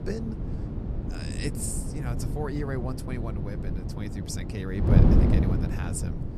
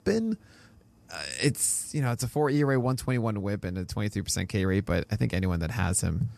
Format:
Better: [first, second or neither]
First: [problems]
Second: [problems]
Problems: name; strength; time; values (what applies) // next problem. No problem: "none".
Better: second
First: wind noise on the microphone; heavy; 1 dB above the speech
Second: none